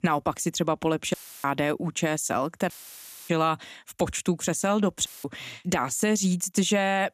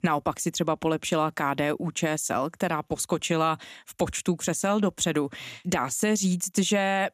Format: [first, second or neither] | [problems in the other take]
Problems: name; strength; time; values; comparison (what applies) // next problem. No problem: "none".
second | audio cutting out; filled with static; at 1 s, at 2.5 s for 0.5 s and at 5 s